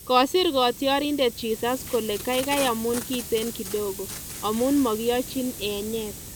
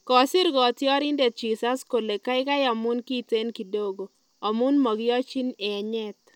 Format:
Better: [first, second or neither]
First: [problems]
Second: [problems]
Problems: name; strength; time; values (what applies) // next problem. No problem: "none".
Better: second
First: background sound (Packing tape, duct tape + Hiss); 12 dB below the speech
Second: none